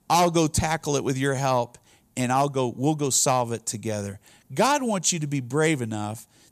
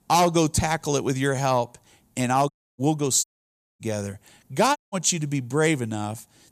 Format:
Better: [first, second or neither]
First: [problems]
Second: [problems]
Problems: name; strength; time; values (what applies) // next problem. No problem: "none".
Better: first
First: none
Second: audio cutting out; at 2.5 s, at 3 s for 0.5 s and at 5 s